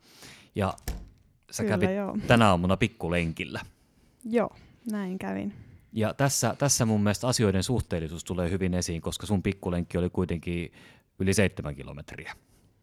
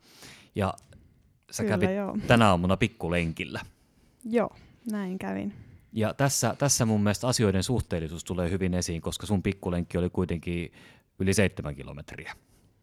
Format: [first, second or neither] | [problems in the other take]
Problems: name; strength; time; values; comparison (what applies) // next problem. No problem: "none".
second | door banging; faint; at 0.5 s; peak 10 dB below the speech